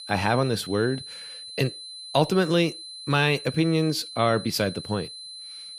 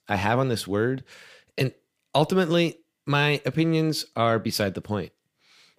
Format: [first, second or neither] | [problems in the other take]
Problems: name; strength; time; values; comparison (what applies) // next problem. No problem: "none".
second | high-pitched whine; noticeable; throughout; 4 kHz, 10 dB below the speech